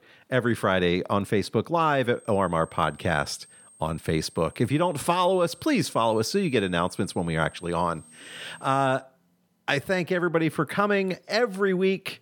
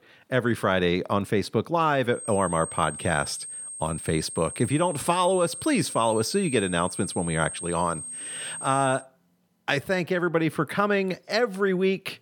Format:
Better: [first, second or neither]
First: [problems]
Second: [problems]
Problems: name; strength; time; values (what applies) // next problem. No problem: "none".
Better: first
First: high-pitched whine; faint; from 2 to 9 s; 8.5 kHz, 25 dB below the speech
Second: high-pitched whine; loud; from 2 to 9 s; 8.5 kHz, 9 dB below the speech